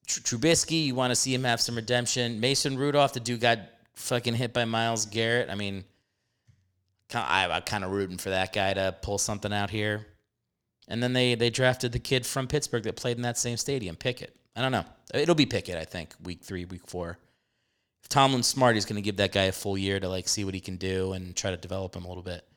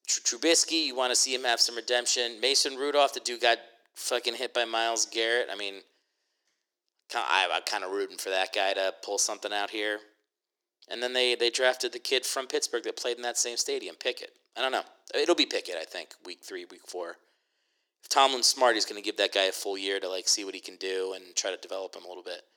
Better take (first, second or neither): first